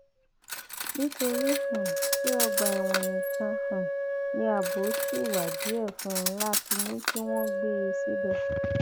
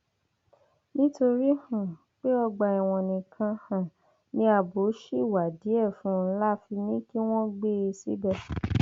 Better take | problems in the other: second | background sound (Cutlery, silverware + Wind instrument, woodwind instrument); 3 dB above the speech

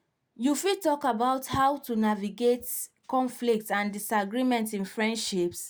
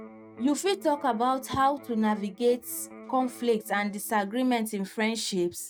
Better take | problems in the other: first | noise reduction (neural mask model RNNoise)

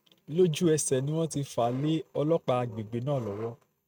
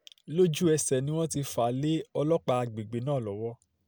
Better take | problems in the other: second | noise reduction (neural mask model RNNoise)

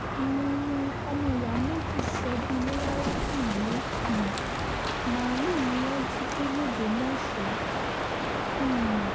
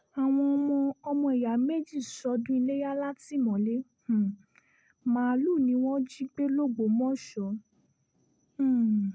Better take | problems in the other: second | background sound (Crow); 1 dB above the speech

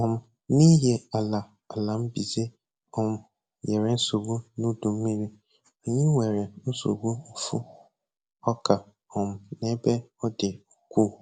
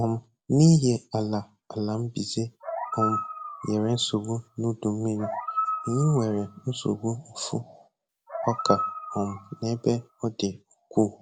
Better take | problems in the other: first | background sound (Animal); 7 dB below the speech

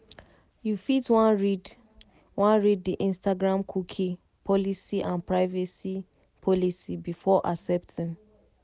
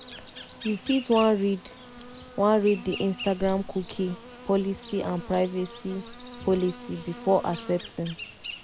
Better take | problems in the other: first | background sound (Insect); 14 dB below the speech

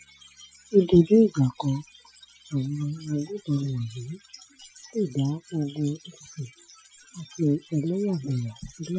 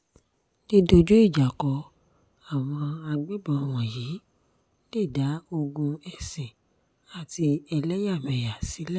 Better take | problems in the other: second | noise reduction (classical method Wiener filter)

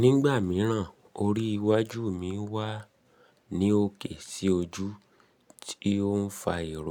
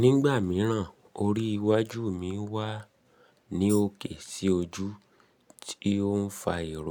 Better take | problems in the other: first | background sound (Tambourine); 15 dB below the speech

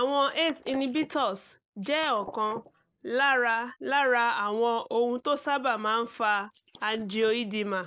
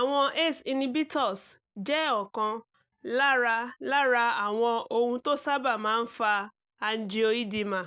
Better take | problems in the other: second | noise reduction (neural mask model Resemble Enhance denoiser)

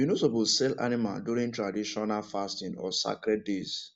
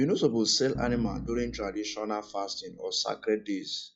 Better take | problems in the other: first | noise reduction (classical method log-MMSE)

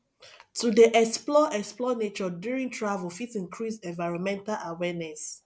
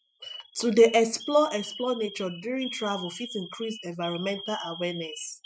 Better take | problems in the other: first | noise reduction (classical method spectral subtraction)

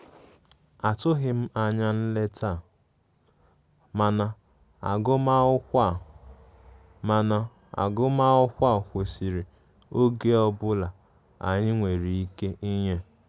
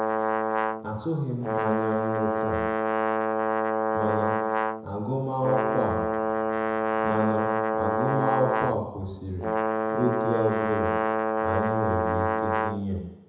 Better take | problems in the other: first | background sound (Brass instrument); 4 dB above the speech // room echo; dies away in 1 s

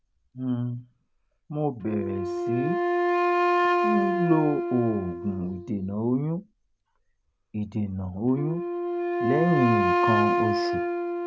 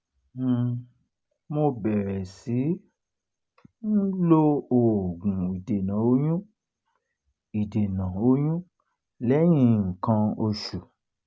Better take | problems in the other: second | background sound (Wind instrument, woodwind instrument); 1 dB above the speech

